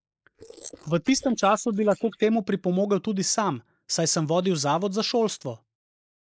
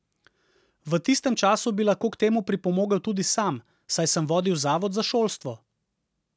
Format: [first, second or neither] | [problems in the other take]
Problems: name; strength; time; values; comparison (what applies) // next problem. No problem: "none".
second | noise reduction (neural mask model Resemble Enhance denoiser)